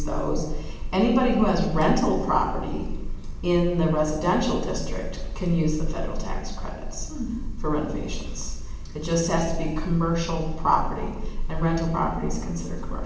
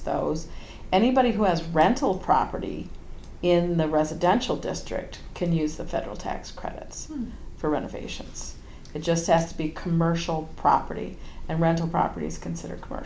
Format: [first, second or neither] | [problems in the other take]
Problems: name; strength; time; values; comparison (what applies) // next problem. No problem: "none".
second | room echo; dies away in 0.9 s